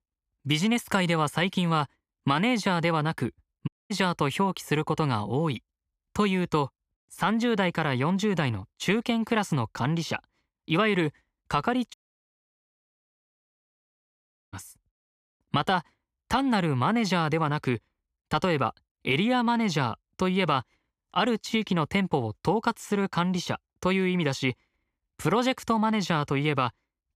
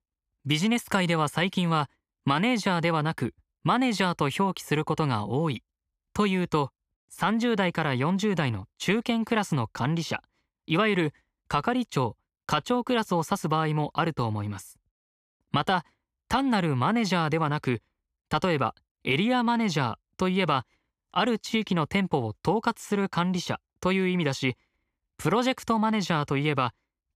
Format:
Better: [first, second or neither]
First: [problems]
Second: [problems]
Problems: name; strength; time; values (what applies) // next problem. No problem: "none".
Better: second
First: audio cutting out; at 3.5 s and at 12 s for 2.5 s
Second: none